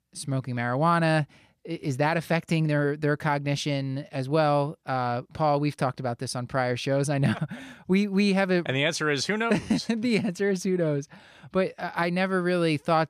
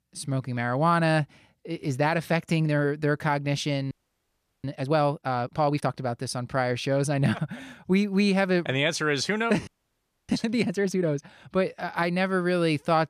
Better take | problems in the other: first | audio freezing; at 4 s for 0.5 s and at 9.5 s for 0.5 s

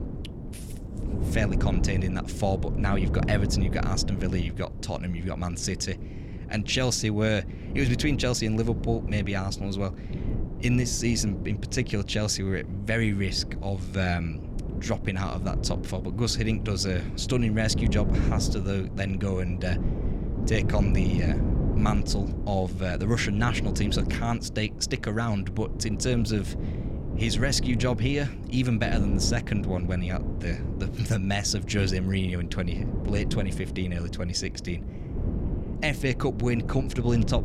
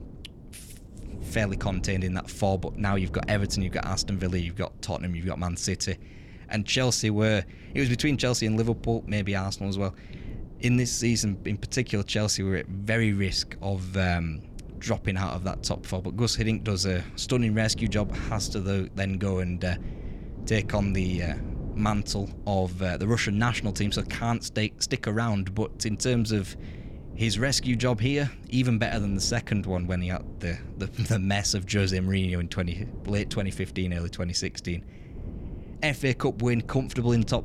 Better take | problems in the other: second | wind noise on the microphone; heavy; 10 dB below the speech; occasional gusts in the second

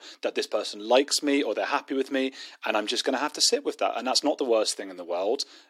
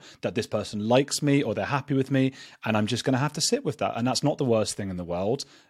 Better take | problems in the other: second | thin; somewhat; fading below 300 Hz

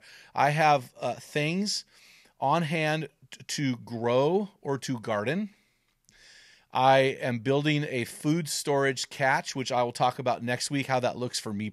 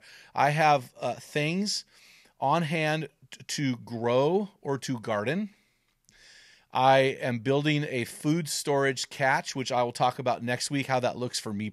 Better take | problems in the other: neither | none

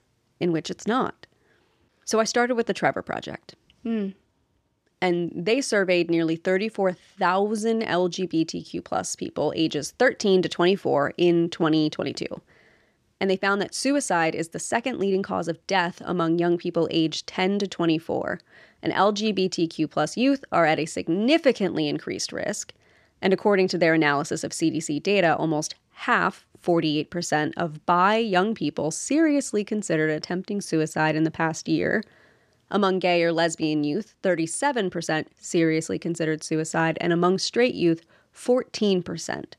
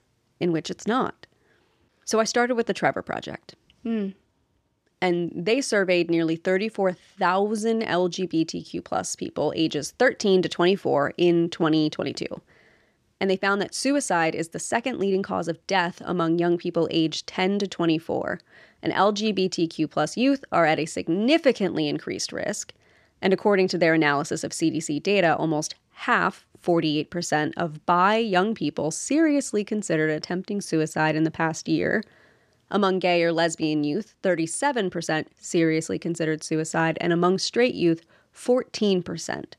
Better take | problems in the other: neither | none

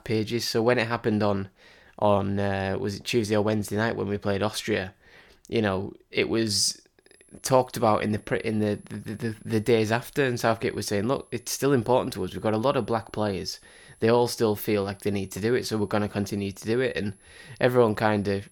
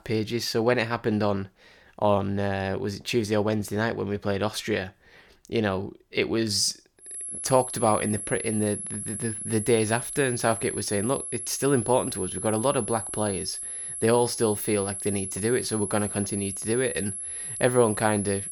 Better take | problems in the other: first | high-pitched whine; loud; from 7 s on; 11 kHz, 5 dB below the speech; faint in the first

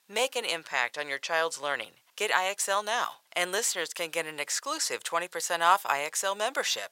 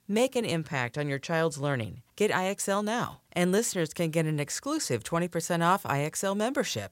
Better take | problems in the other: second | thin; very; fading below 800 Hz

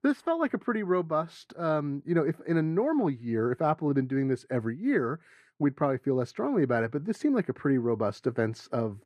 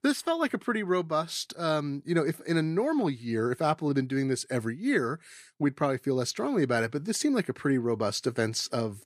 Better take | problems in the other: second | muffled; very; fading above 2.5 kHz

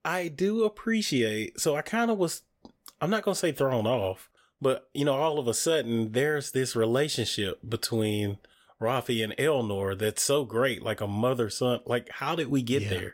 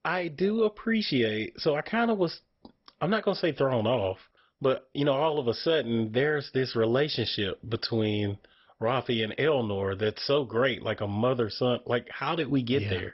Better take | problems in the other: first | garbled, watery; badly; nothing above 5.5 kHz

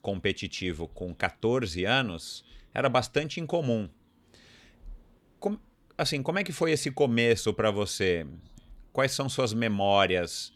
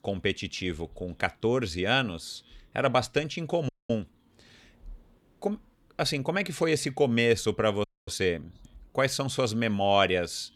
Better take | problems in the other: first | audio freezing; at 3.5 s and at 8 s

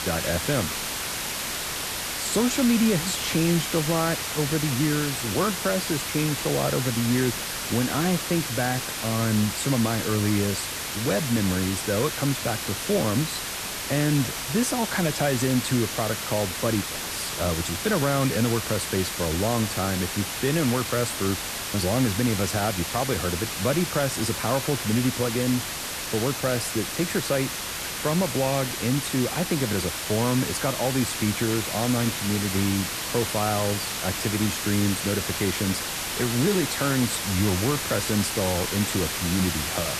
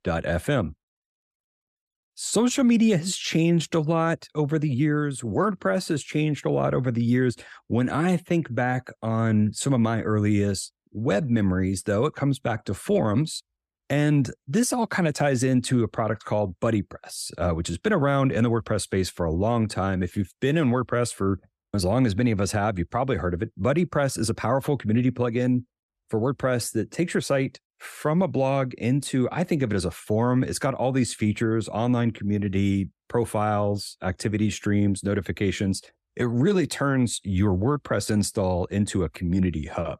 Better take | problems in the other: second | hiss; loud; throughout; 2 dB below the speech

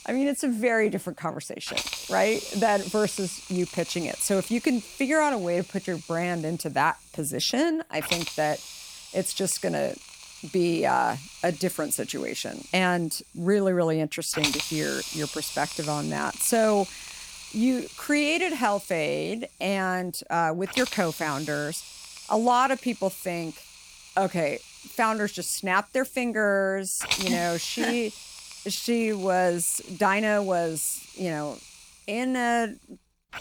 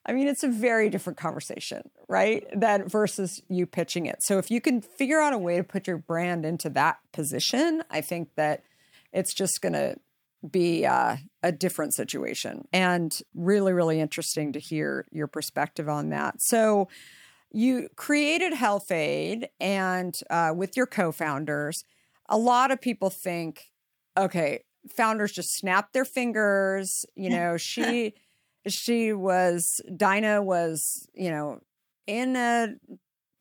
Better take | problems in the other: second | hiss; loud; throughout; 10 dB below the speech

